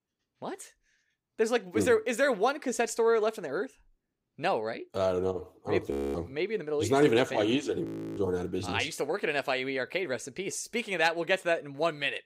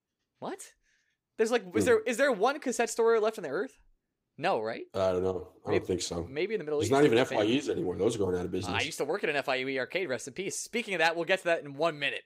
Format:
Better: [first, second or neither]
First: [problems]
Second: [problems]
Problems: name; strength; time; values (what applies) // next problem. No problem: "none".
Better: second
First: audio freezing; at 6 s and at 8 s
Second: none